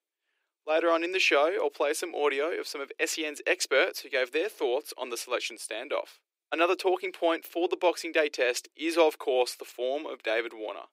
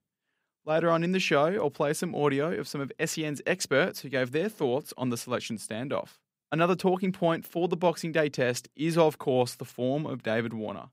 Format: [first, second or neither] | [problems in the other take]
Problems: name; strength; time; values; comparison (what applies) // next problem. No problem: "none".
second | thin; very; fading below 350 Hz